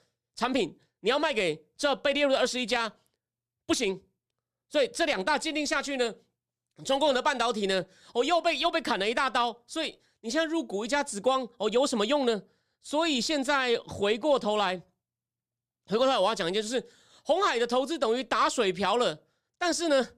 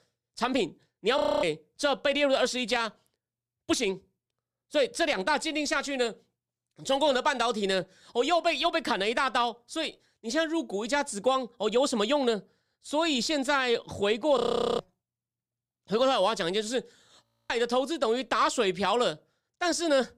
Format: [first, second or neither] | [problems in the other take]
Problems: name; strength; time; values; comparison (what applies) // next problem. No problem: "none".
first | audio freezing; at 1 s, at 14 s and at 17 s